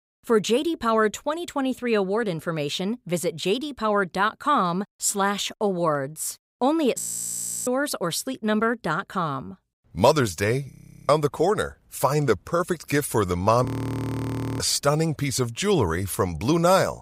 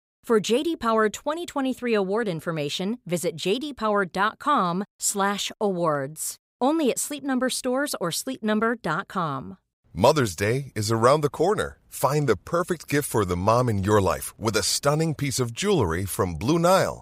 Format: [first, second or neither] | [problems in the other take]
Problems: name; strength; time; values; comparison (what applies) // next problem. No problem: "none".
second | audio freezing; at 7 s for 0.5 s, at 11 s and at 14 s for 1 s